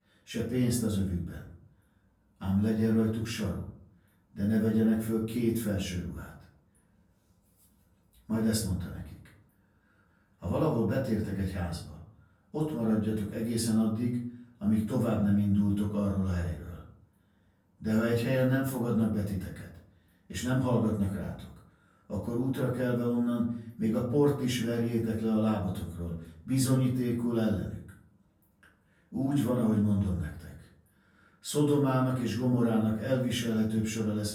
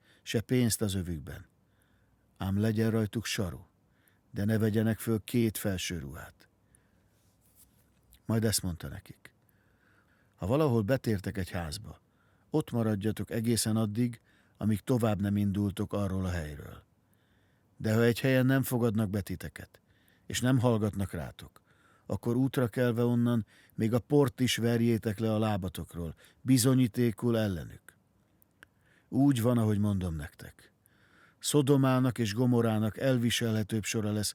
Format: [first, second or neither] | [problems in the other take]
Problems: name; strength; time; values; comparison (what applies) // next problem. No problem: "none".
second | off-mic speech; far // room echo; noticeable; dies away in 0.5 s